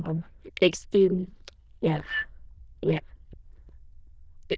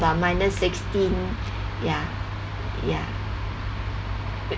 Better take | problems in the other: second | noise reduction (neural diffusion model UNIVERSE++)

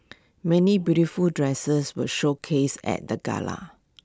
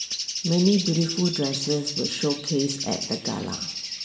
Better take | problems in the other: first | background sound (Bird); 5 dB below the speech // room echo; dies away in 1.8 s

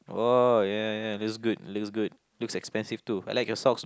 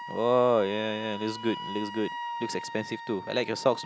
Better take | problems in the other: first | background sound (Wind instrument, woodwind instrument); 10 dB below the speech

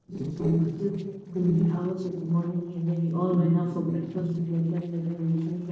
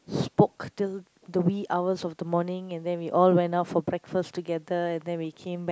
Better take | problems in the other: second | noise reduction (neural separator model SepFormer DNS4)

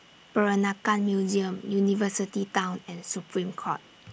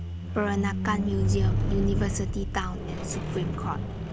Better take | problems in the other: first | background sound (Squeak); 3 dB above the speech

